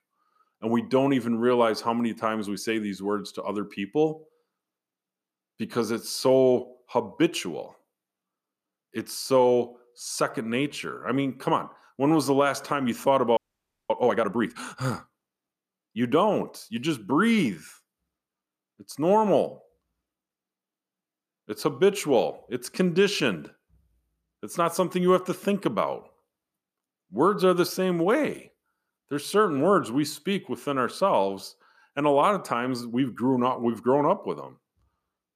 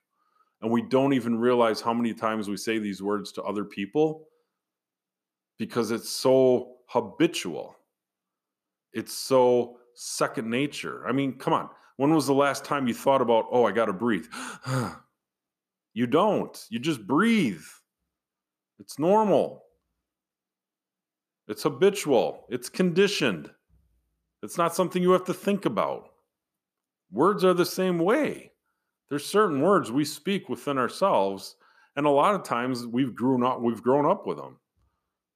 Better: second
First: audio freezing; at 13 s for 0.5 s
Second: none

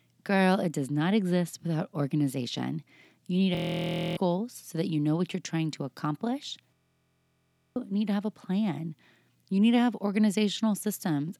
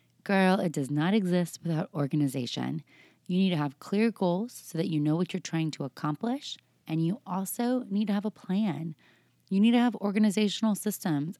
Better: second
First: audio freezing; at 3.5 s for 0.5 s and at 6.5 s for 1 s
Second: none

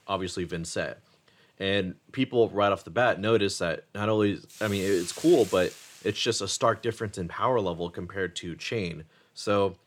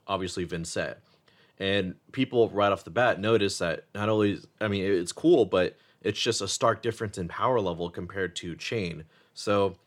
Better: second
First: hiss; noticeable; throughout; 15 dB below the speech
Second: none

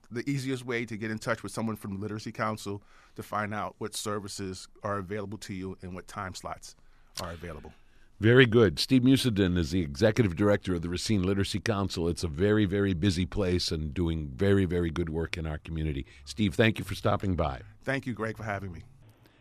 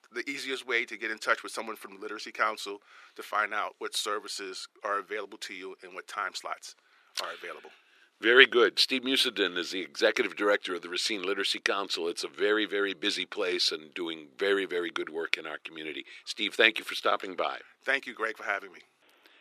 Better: first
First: none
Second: thin; very; fading below 350 Hz

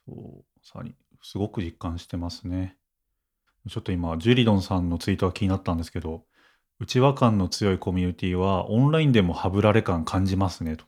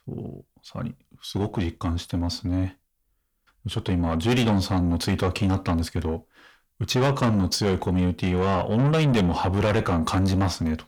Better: first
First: none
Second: distortion; heavy; 6 dB below the speech

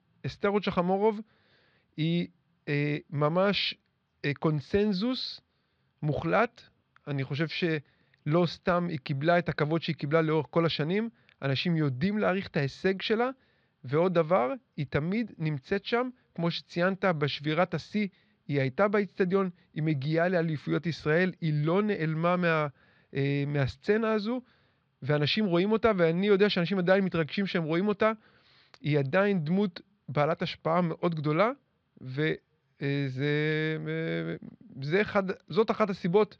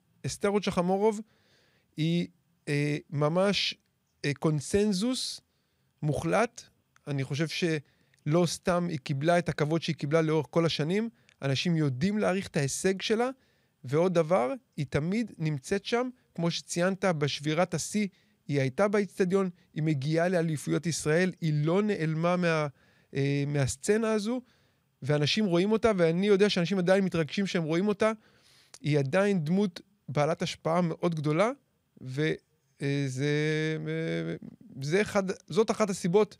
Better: second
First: muffled; very slightly; fading above 4.5 kHz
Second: none

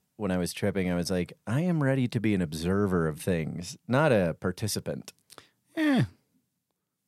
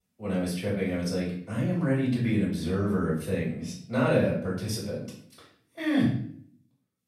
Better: first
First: none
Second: off-mic speech; far // room echo; noticeable; dies away in 0.5 s

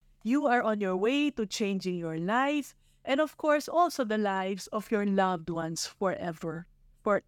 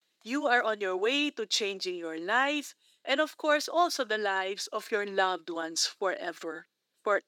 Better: first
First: none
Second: thin; somewhat; fading below 350 Hz

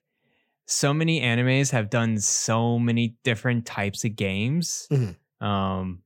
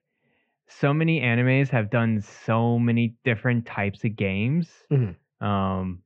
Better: first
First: none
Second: muffled; very; fading above 2.5 kHz

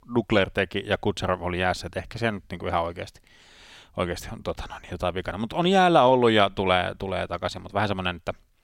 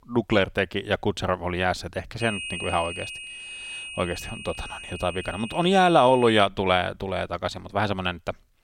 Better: first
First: none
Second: high-pitched whine; noticeable; from 2 to 6.5 s; 2.5 kHz, 10 dB below the speech

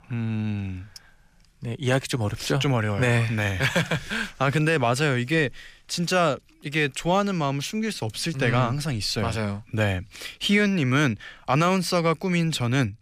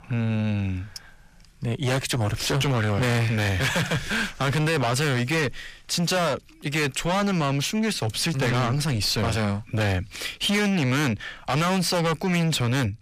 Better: first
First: none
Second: distortion; heavy; 7 dB below the speech

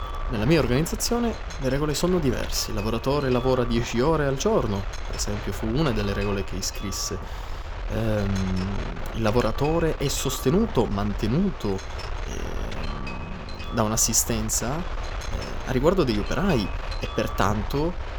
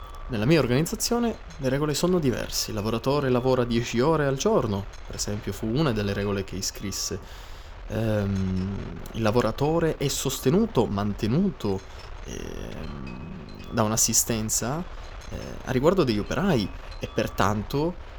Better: second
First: wind noise on the microphone; heavy; 9 dB below the speech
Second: wind noise on the microphone; occasional gusts; 20 dB below the speech

